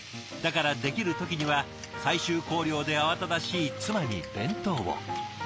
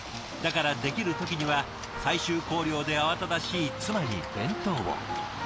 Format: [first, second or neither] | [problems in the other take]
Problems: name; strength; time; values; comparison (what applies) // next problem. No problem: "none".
first | background sound (Run); 10 dB below the speech